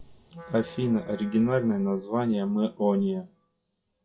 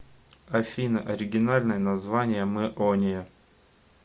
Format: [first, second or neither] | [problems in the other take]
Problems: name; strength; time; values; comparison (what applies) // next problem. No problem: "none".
second | noise reduction (classical method WPE with log-MMSE)